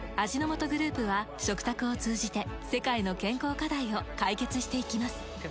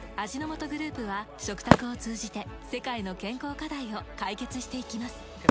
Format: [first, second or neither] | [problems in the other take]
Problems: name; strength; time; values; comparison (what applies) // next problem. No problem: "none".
first | background sound (Wood); 2 dB above the speech